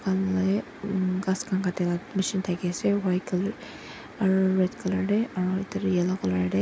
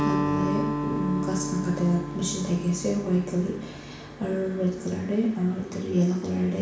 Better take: first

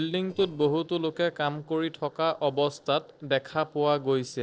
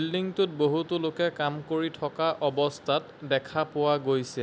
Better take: second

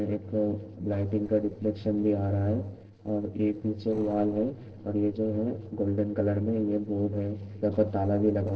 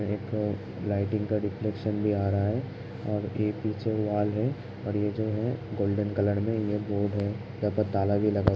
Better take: second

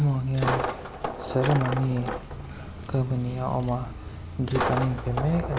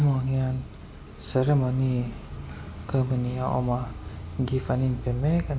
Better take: second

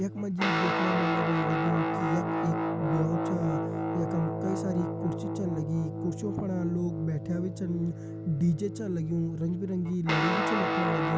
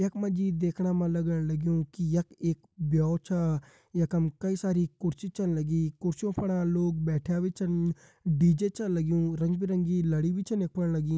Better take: second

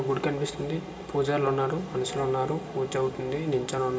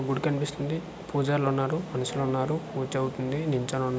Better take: second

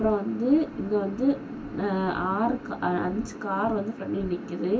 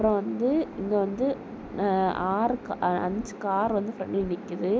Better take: second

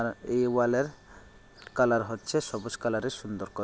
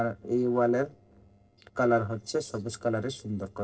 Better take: first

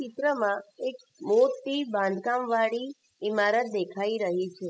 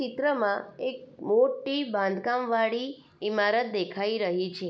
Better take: second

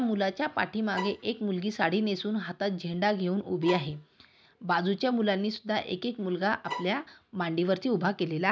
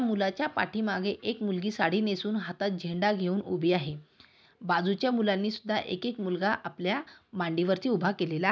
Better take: second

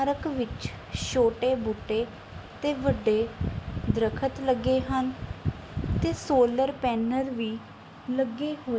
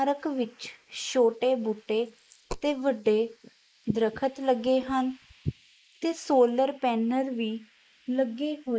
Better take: first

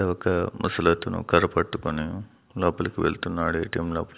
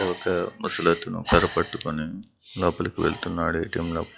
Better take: first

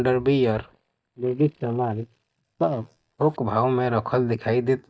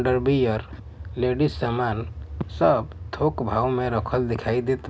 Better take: second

